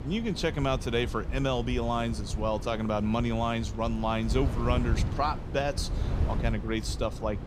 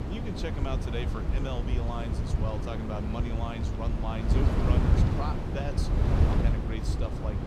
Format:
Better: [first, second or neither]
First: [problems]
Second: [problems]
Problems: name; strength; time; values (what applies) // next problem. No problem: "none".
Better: first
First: wind noise on the microphone; occasional gusts; 15 dB below the speech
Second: wind noise on the microphone; heavy; 1 dB above the speech